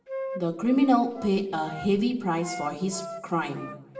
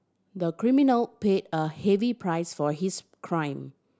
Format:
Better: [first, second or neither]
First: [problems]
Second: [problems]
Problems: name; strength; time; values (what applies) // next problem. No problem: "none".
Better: second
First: background sound (Wind instrument, woodwind instrument); 13 dB below the speech // room echo; dies away in 0.8 s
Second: none